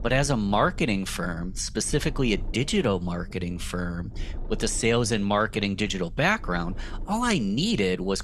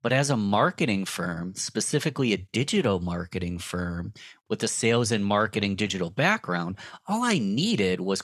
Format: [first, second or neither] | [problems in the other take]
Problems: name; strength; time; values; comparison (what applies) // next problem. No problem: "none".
second | low rumble; faint; throughout; 25 dB below the speech